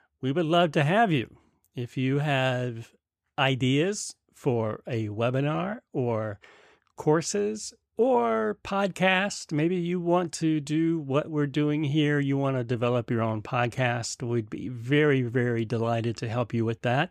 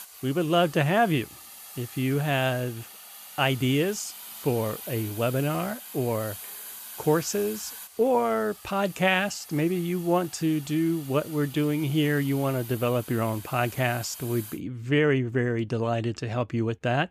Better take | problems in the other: first | hiss; noticeable; until 15 s; 15 dB below the speech

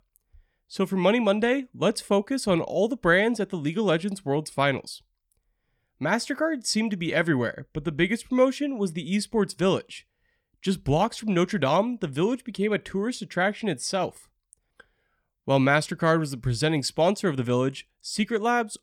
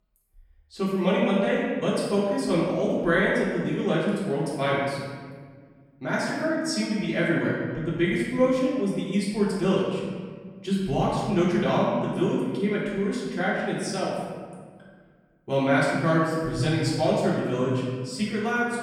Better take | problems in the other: first | room echo; noticeable; dies away in 1.6 s // off-mic speech; far

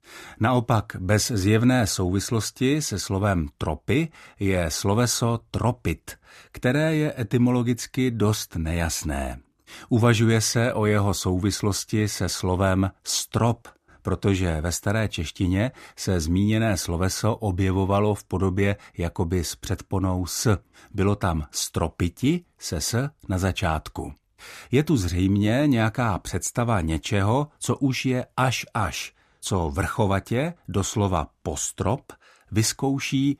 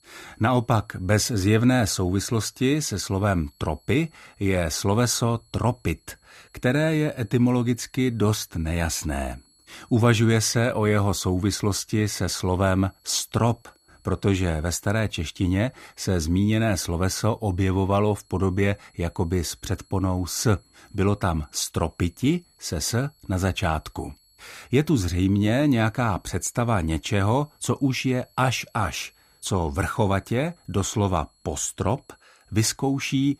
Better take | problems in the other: first | high-pitched whine; faint; throughout; 4.5 kHz, 35 dB below the speech

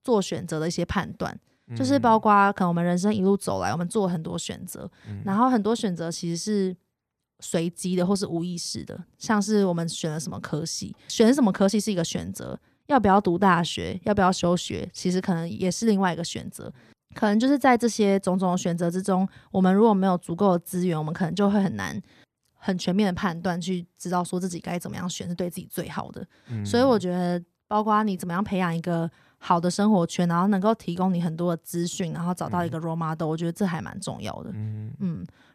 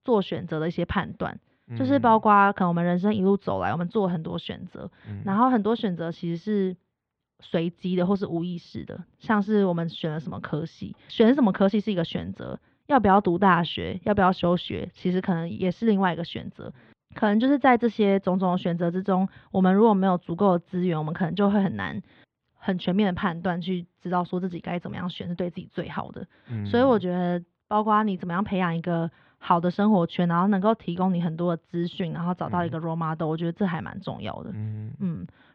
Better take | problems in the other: first | muffled; very; fading above 3.5 kHz

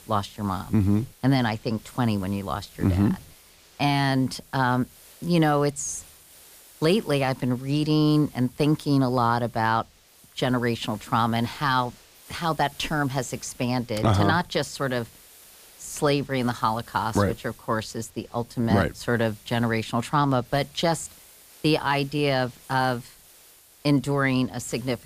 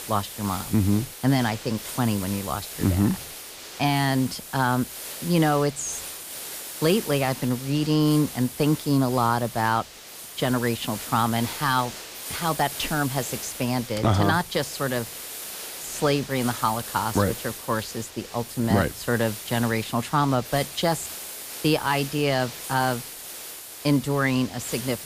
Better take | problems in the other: first | hiss; loud; throughout; 10 dB below the speech; faint in the first

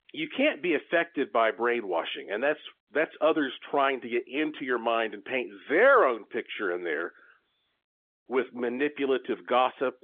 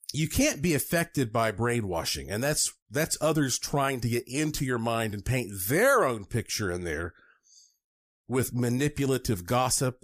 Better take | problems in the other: second | phone-call audio; nothing above 3.5 kHz

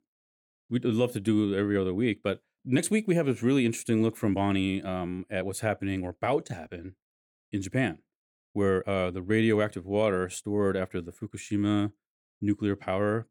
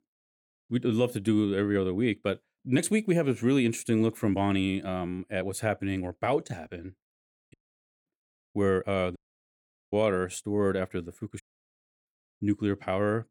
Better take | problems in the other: first | audio cutting out; at 7.5 s for 0.5 s, at 9 s for 1 s and at 11 s for 0.5 s

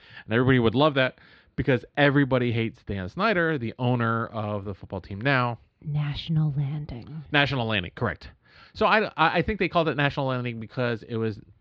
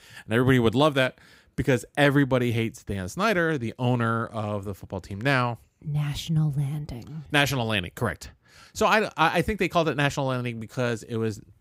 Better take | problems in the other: second | muffled; very slightly; fading above 4.5 kHz

